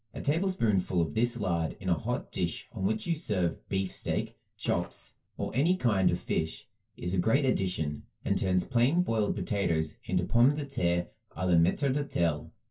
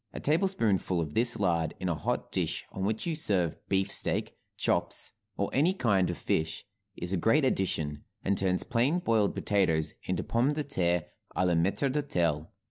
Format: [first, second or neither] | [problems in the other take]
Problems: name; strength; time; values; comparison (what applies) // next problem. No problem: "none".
second | background sound (Fart); 16 dB below the speech // room echo; dies away in 0.1 s